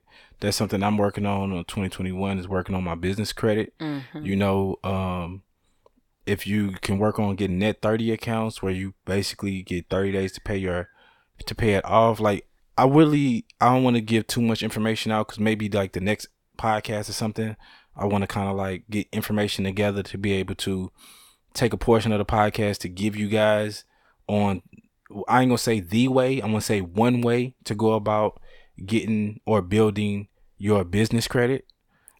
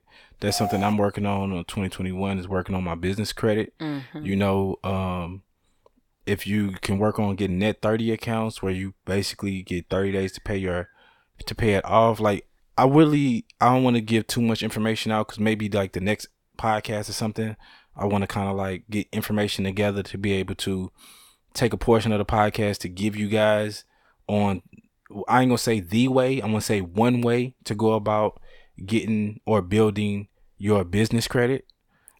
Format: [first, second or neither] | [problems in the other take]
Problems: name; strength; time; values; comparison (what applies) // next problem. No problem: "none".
first | alarm; noticeable; at 0.5 s; peak 7 dB below the speech